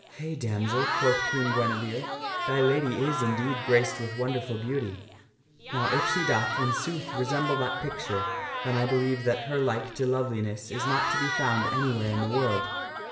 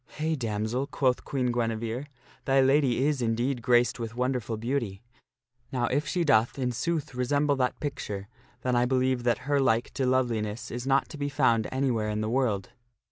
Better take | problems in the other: second | background sound (Crowd / Cheering); 4 dB below the speech // room echo; dies away in 1 s

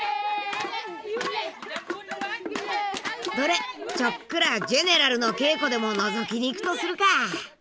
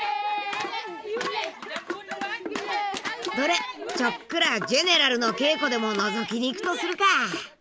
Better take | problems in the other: first | background sound (Finger snapping); 18 dB below the speech

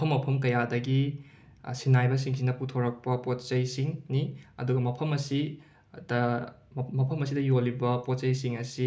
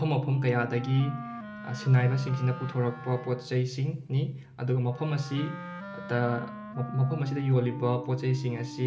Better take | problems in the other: first | background sound (Wind instrument, woodwind instrument); 13 dB below the speech // room echo; dies away in 1 s

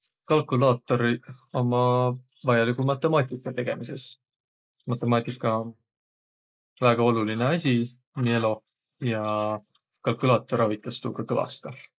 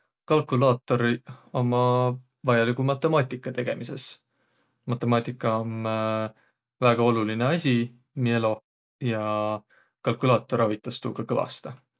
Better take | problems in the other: second | noise reduction (neural mask model Resemble Enhance denoiser)

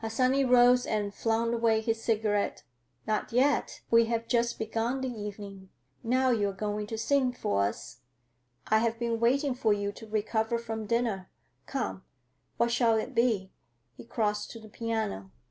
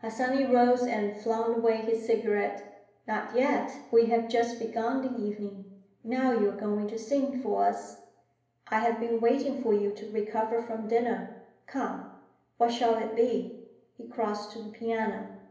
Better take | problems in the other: first | room echo; dies away in 0.8 s

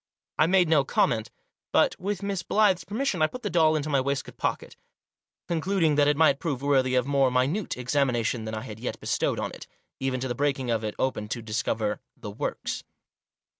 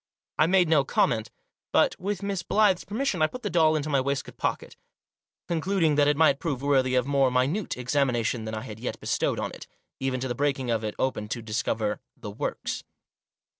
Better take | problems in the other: first | noise reduction (neural separator model SepFormer DNS4)

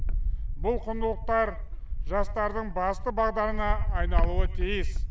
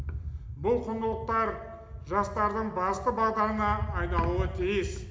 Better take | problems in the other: first | room echo; dies away in 0.8 s

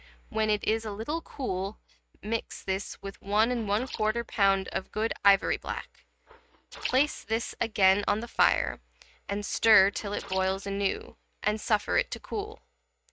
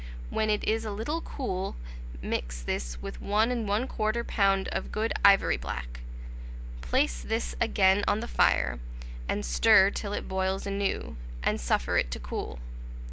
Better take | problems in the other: second | noise reduction (neural mask model RNNoise)

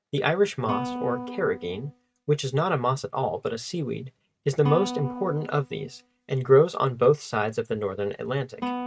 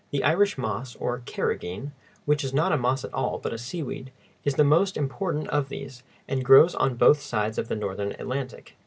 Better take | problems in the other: second | noise reduction (neural mask model RNNoise)

